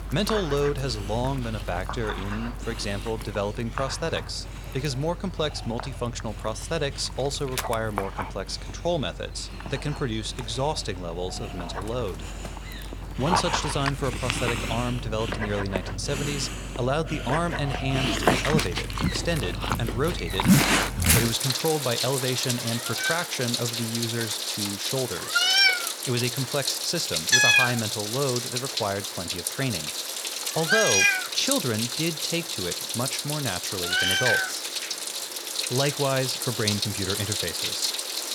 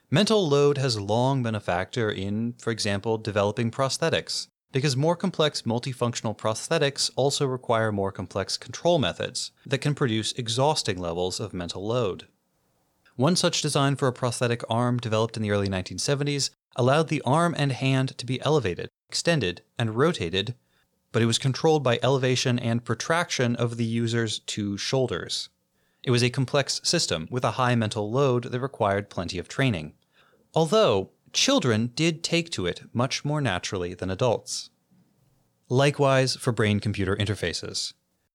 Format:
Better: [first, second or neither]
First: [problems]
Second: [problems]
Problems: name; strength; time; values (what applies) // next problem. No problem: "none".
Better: second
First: animal sounds; very loud; throughout; 3 dB above the speech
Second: none